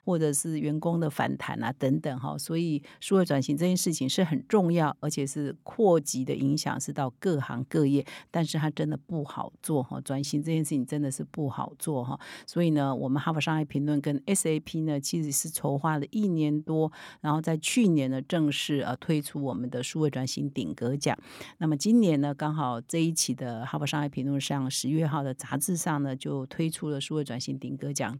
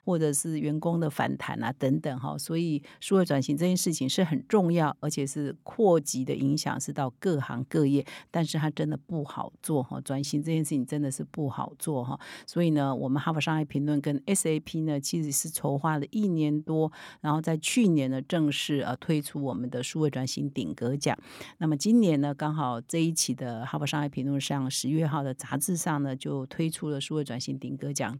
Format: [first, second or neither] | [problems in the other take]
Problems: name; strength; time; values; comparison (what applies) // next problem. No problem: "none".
neither | none